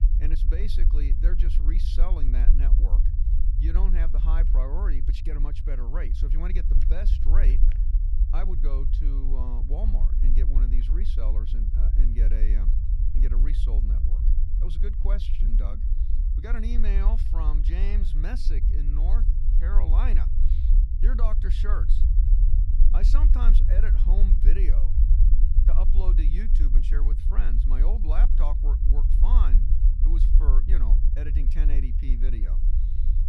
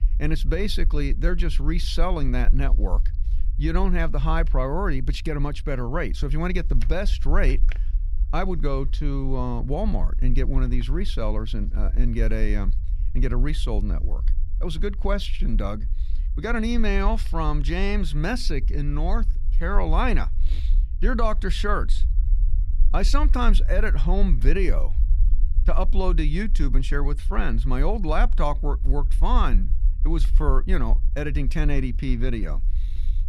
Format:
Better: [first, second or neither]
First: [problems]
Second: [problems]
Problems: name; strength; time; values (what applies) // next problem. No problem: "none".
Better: second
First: low rumble; loud; throughout; 5 dB below the speech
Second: low rumble; faint; throughout; 20 dB below the speech